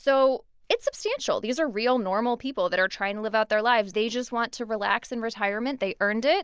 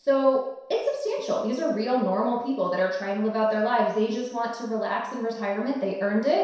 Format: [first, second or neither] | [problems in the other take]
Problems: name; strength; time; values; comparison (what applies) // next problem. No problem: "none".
first | room echo; dies away in 0.7 s